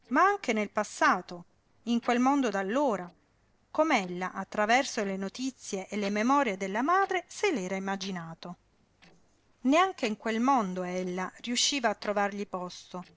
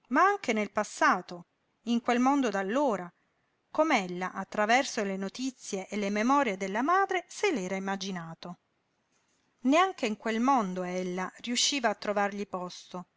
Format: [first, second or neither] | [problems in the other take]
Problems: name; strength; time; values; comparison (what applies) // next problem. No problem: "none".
second | noise reduction (neural separator model SepFormer DNS4)